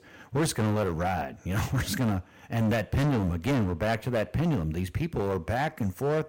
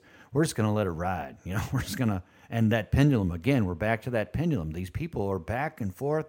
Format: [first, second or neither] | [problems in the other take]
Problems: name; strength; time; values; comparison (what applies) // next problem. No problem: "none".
second | distortion; heavy; 15% of the sound clipped